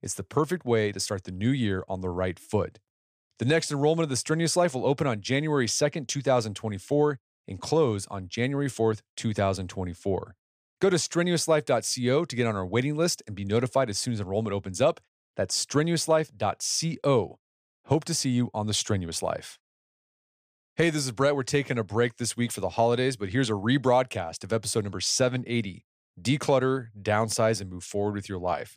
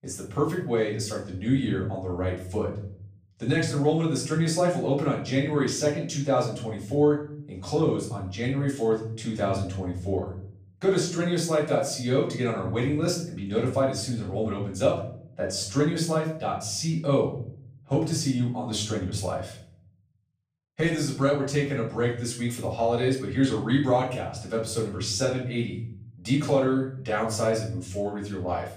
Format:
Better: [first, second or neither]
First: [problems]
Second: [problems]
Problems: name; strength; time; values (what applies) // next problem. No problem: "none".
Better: first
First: none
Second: off-mic speech; far // room echo; noticeable; dies away in 0.7 s